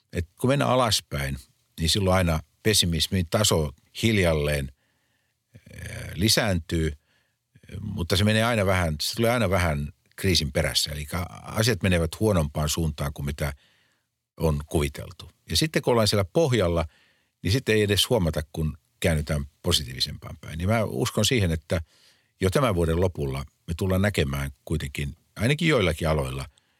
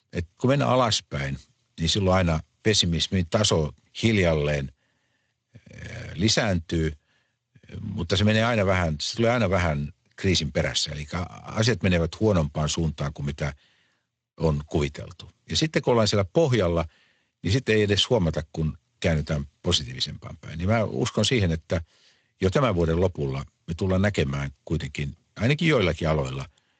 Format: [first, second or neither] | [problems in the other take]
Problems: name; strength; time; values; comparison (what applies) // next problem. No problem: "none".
first | garbled, watery; slightly; nothing above 8 kHz